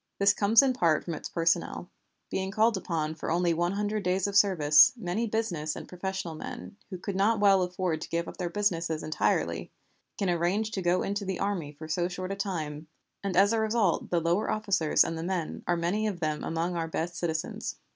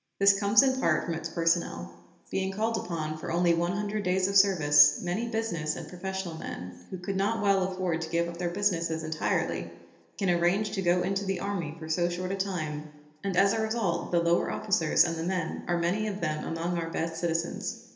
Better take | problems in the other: first | room echo; dies away in 1.4 s

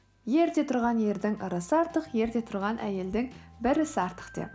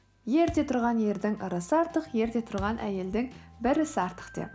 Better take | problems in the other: first | background sound (Thump, thud); 16 dB below the speech

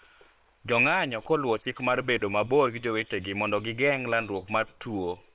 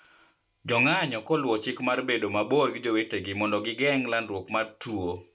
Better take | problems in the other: second | noise reduction (neural separator model SepFormer WHAM!)

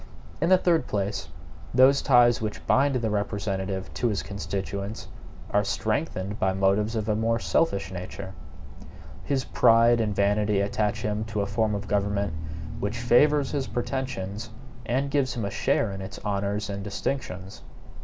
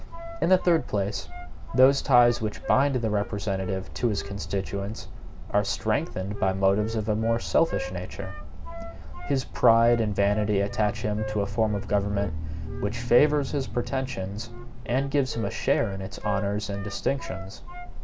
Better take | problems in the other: first | background sound (Wind instrument, woodwind instrument); 17 dB below the speech

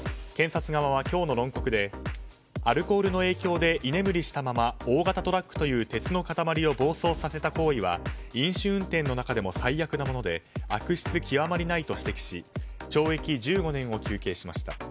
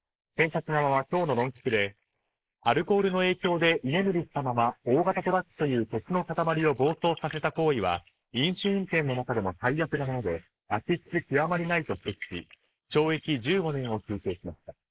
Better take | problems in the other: first | noise reduction (neural mask model Resemble Enhance denoiser)

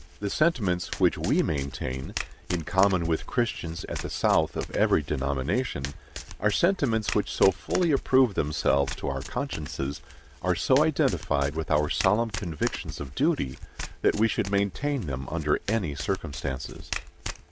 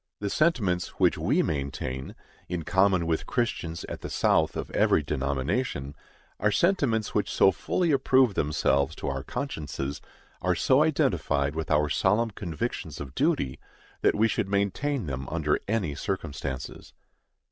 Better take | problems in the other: second | background sound (Domestic sounds, home sounds); 12 dB below the speech

